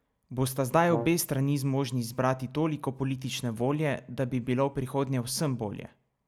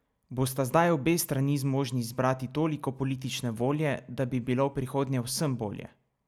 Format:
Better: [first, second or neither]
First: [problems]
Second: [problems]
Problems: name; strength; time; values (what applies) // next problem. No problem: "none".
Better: second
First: background sound (Brass instrument); 12 dB below the speech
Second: none